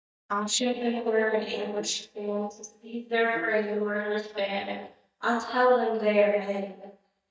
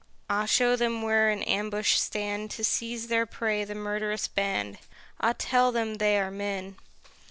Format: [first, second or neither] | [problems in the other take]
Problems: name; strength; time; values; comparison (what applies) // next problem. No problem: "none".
second | noise reduction (neural mask model DeepFilterNet 3)